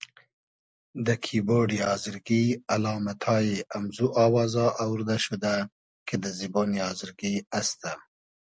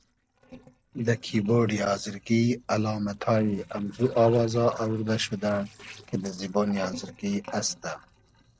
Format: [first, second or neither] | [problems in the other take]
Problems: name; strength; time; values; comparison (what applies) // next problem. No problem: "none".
first | noise reduction (neural separator model SepFormer DNS4)